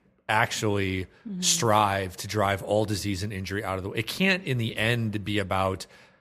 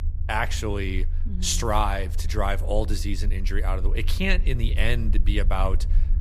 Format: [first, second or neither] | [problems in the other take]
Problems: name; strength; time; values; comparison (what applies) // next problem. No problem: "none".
first | low rumble; noticeable; throughout; 20 dB below the speech